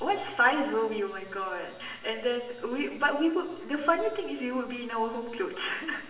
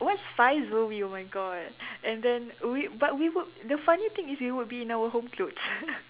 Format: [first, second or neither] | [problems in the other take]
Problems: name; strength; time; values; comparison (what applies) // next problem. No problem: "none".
second | room echo; dies away in 1 s